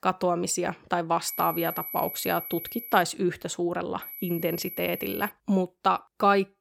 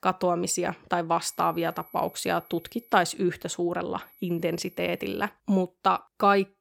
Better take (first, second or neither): second